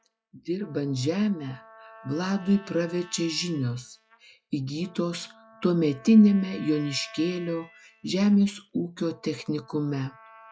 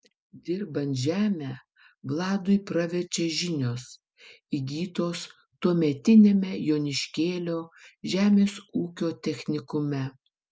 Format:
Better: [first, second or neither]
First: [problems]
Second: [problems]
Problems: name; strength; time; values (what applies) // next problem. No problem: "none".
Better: second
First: noise reduction (classical method log-MMSE)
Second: none